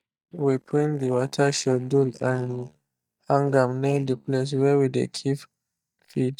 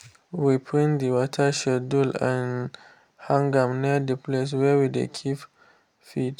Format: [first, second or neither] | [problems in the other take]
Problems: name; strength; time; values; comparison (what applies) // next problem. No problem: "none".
second | noise reduction (neural mask model DeepFilterNet 3)